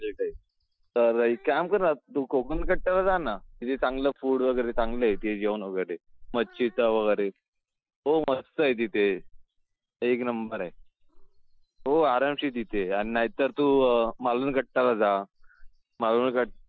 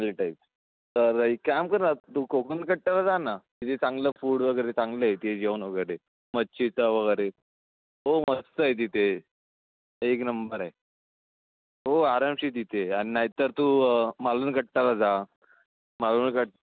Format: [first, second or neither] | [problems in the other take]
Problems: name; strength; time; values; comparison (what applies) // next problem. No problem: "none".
second | noise reduction (classical method Wiener filter)